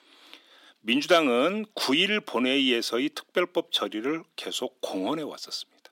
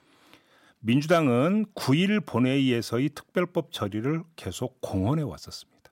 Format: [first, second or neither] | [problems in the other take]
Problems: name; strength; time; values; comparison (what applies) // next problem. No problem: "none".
second | thin; very slightly; fading below 250 Hz